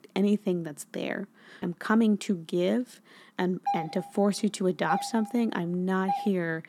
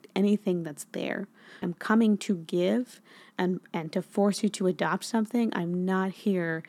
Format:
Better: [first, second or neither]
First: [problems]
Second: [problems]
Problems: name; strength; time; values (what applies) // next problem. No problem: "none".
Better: second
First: doorbell; noticeable; from 3.5 s on; peak 3 dB below the speech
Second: none